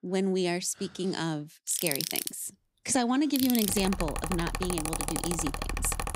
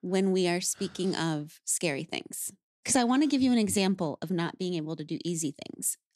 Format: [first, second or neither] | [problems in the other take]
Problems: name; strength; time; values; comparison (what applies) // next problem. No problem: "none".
second | machinery noise; loud; from 2 s on; 2 dB below the speech